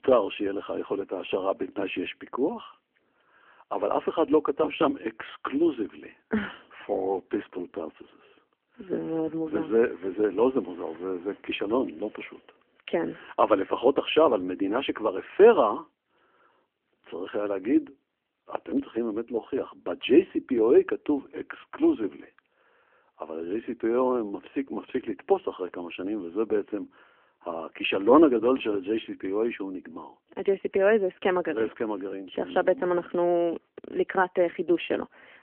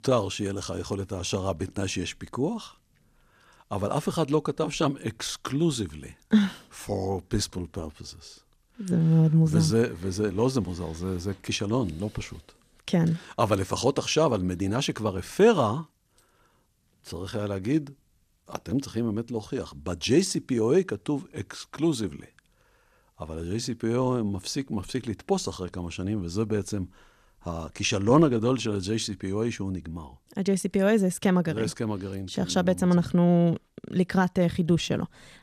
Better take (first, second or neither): second